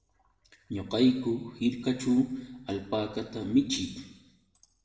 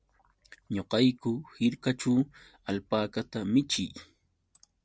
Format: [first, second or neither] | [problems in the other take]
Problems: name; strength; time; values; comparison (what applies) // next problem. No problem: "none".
second | room echo; dies away in 0.9 s